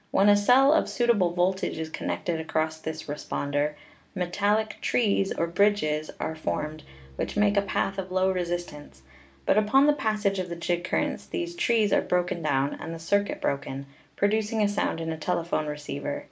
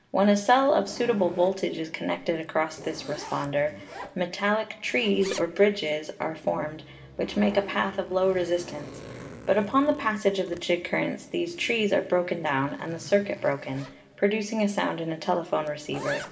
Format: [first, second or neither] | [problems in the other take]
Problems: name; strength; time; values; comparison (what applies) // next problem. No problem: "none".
first | background sound (Zipper (clothing)); 18 dB below the speech // room echo; dies away in 2.5 s